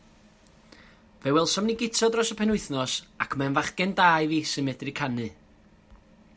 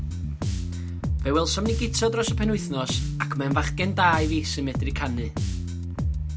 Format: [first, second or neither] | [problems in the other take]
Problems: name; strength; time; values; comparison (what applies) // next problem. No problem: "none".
first | background sound (Bass guitar); as loud as the speech